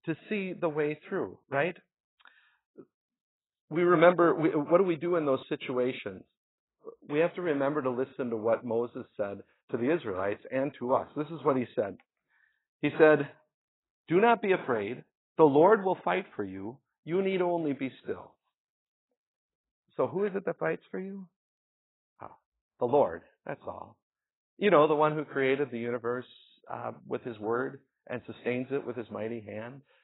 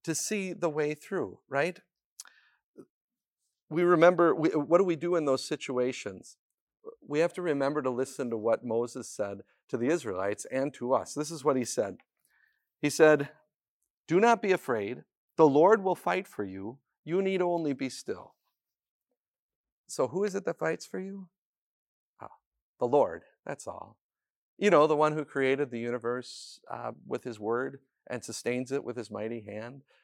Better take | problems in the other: second | garbled, watery; badly; nothing above 4 kHz

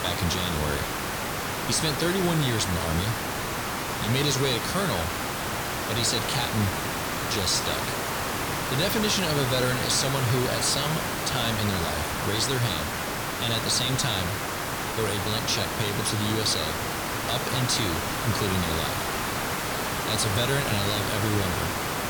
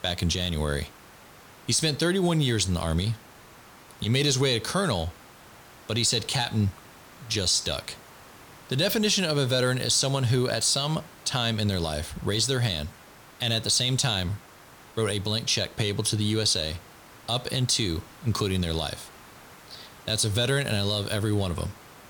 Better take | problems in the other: second | hiss; loud; throughout; 1 dB below the speech; faint in the second

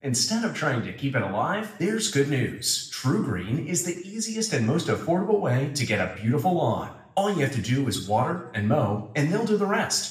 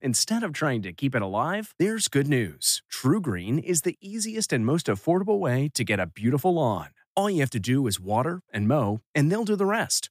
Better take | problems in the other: second | room echo; slight; dies away in 0.6 s // off-mic speech; somewhat distant

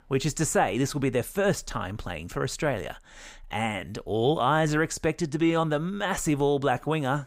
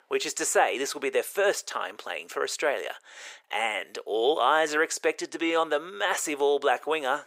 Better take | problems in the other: first | thin; very; fading below 400 Hz

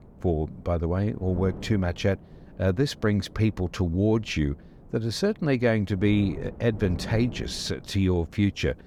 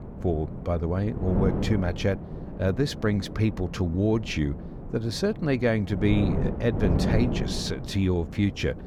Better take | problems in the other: first | wind noise on the microphone; heavy; 8 dB below the speech; occasional gusts in the first

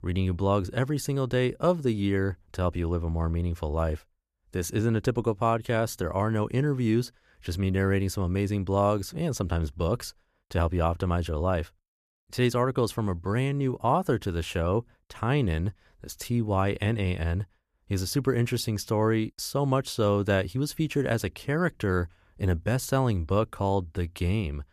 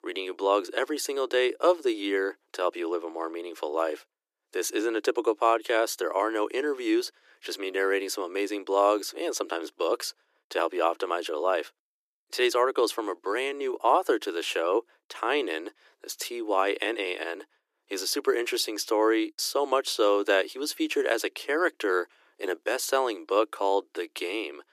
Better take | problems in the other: first | thin; very; fading below 300 Hz

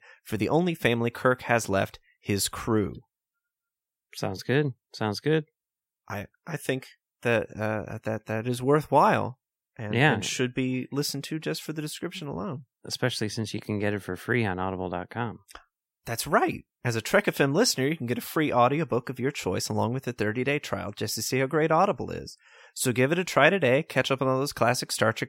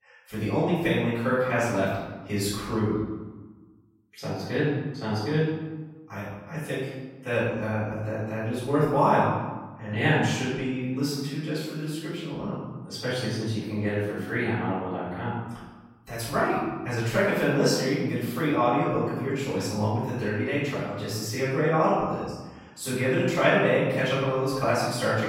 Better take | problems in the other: first | off-mic speech; far // room echo; strong; dies away in 1.1 s

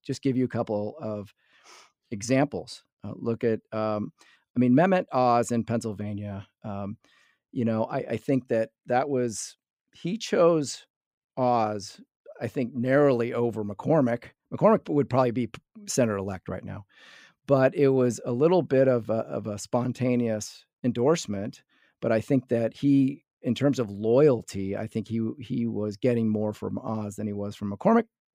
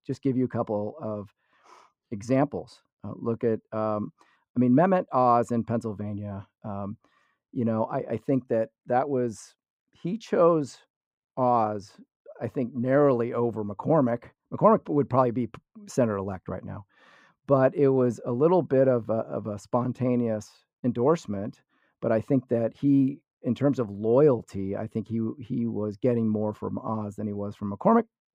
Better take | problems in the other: first | muffled; slightly; fading above 2 kHz

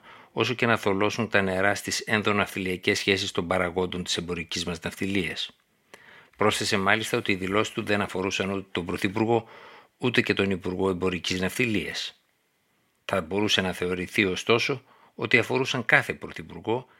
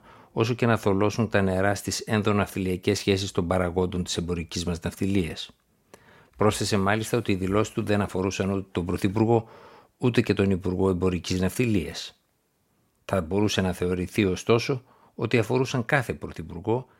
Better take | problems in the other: second | thin; very slightly; fading below 350 Hz

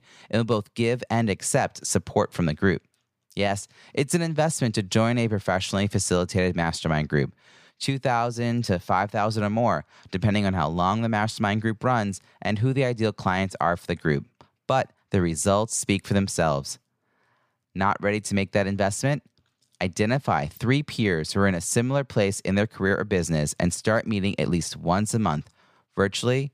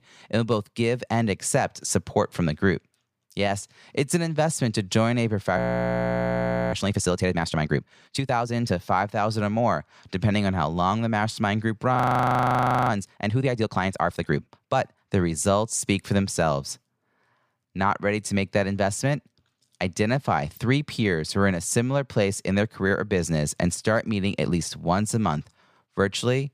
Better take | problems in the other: first | audio freezing; at 5.5 s for 1 s and at 12 s for 1 s

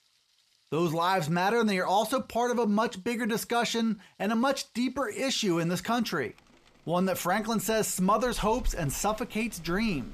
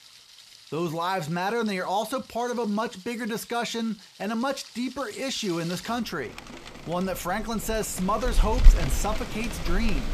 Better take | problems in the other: first | rain or running water; loud; throughout; 2 dB below the speech; faint in the first

